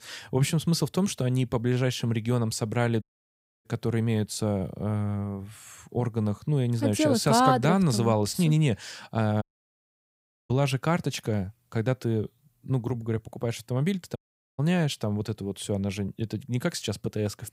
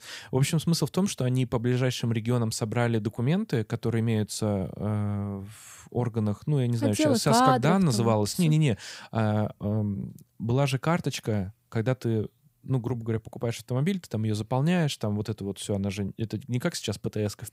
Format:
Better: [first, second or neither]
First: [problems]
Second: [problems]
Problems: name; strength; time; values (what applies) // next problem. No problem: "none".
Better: second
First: audio cutting out; at 3 s for 0.5 s, at 9.5 s for 1 s and at 14 s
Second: none